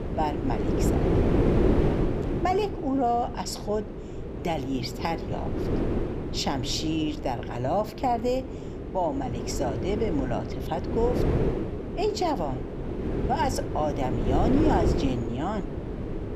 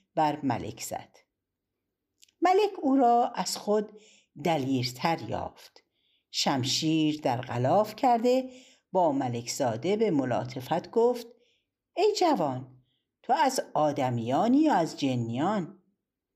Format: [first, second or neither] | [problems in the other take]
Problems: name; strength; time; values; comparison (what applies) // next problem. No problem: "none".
second | wind noise on the microphone; heavy; 4 dB below the speech